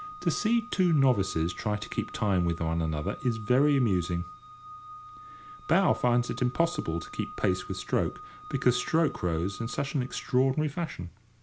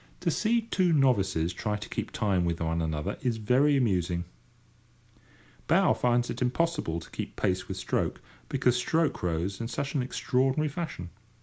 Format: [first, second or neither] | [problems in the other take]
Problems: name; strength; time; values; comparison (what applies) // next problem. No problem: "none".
second | background sound (Organ); 16 dB below the speech